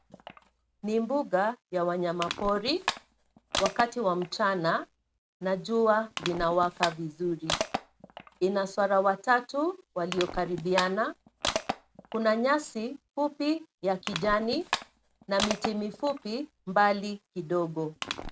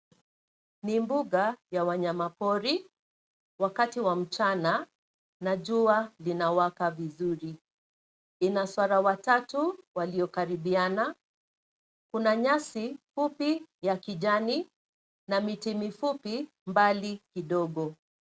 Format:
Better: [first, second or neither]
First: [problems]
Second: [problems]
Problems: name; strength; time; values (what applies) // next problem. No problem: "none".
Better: second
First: background sound (Crushing); 9 dB below the speech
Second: none